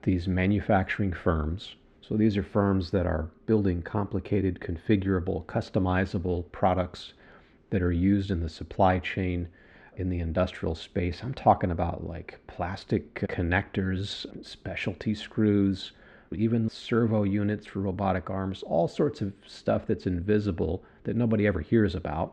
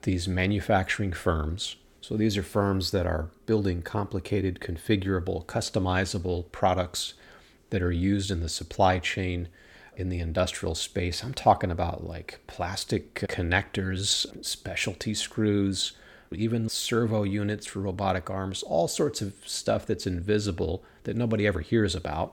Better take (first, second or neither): second